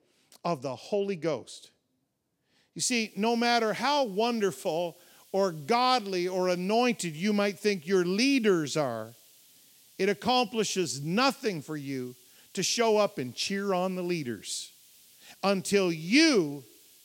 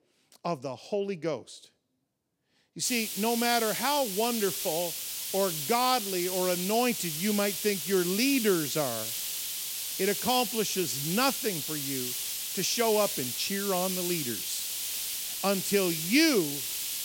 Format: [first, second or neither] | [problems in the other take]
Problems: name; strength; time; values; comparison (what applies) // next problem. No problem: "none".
first | hiss; loud; from 3 s on; 2 dB below the speech; faint in the first